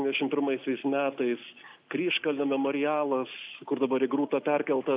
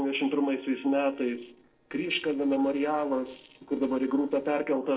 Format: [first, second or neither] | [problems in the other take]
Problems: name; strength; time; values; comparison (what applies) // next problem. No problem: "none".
first | noise reduction (neural separator model SepFormer DNS4)